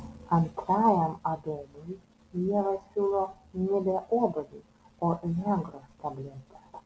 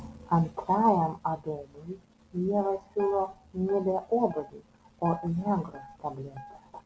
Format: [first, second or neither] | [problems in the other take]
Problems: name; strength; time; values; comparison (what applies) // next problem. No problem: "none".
first | background sound (Guitar); 17 dB below the speech